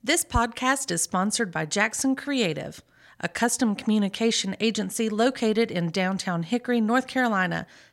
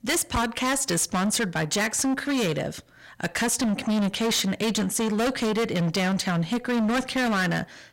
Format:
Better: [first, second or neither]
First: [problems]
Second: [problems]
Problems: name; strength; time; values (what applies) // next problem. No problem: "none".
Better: first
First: none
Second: distortion; heavy; 27% of the sound clipped